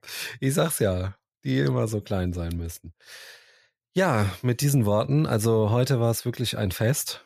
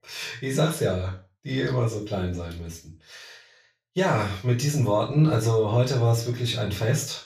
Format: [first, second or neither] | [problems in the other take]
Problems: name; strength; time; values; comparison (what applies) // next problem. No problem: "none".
first | room echo; slight; dies away in 0.3 s // off-mic speech; far